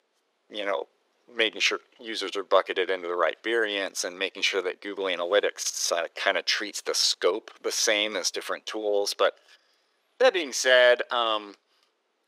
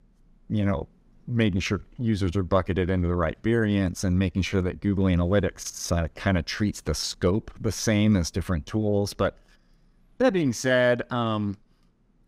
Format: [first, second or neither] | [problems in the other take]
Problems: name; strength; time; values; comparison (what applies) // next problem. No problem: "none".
second | thin; very; fading below 400 Hz